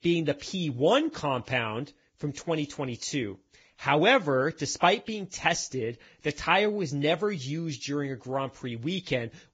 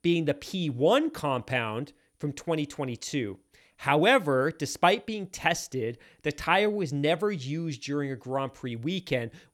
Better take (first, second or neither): second